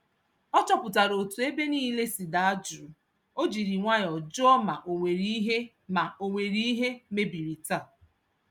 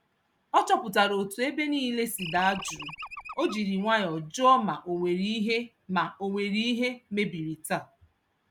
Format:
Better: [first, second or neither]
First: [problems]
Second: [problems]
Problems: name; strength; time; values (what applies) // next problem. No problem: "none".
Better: first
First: none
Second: background sound (Animal); 13 dB below the speech